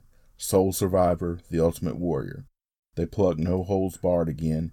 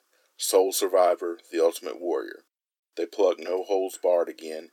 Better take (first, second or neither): first